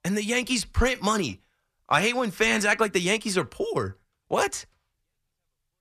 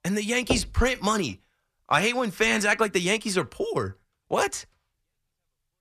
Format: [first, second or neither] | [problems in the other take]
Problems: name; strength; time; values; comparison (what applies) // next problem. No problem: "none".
first | door banging; noticeable; at 0.5 s; peak 6 dB below the speech